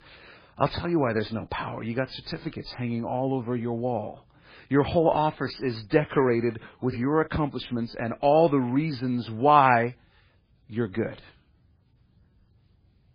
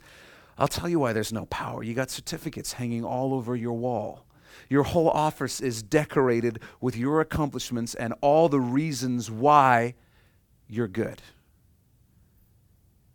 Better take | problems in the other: second | garbled, watery; badly; nothing above 5 kHz

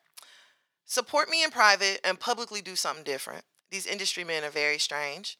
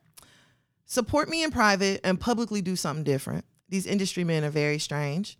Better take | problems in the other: second | thin; very; fading below 700 Hz

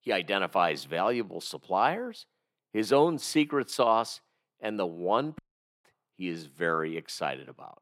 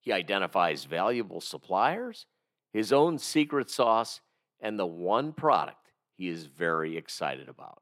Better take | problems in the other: second | audio cutting out; at 5.5 s

